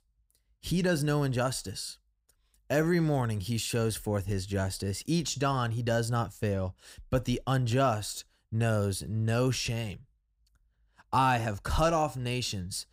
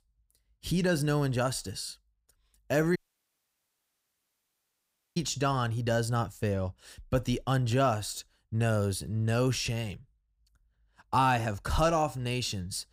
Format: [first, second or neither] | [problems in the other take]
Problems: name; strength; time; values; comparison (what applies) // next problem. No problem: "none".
first | audio cutting out; at 3 s for 2 s